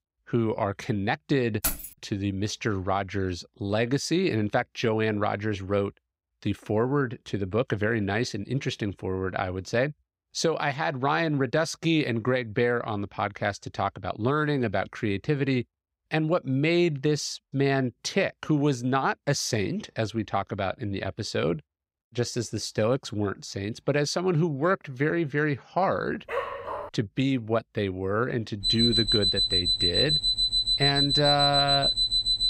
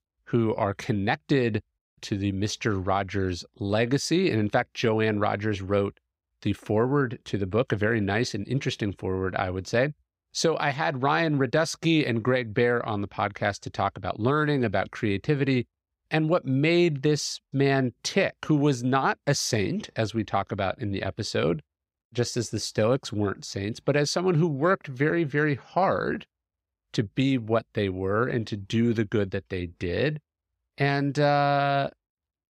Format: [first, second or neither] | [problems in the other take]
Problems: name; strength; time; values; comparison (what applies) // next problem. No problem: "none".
second | jangling keys; noticeable; at 1.5 s; peak 1 dB below the speech // dog barking; noticeable; at 26 s; peak 4 dB below the speech // alarm; loud; from 29 s on; peak 6 dB above the speech